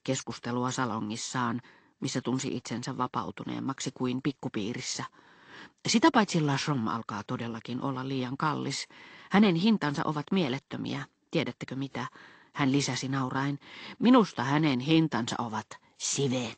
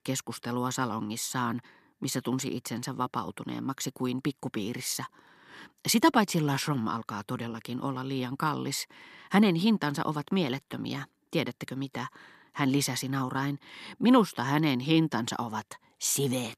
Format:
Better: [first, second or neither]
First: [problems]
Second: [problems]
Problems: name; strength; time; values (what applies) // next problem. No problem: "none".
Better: second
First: garbled, watery; slightly; nothing above 8 kHz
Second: none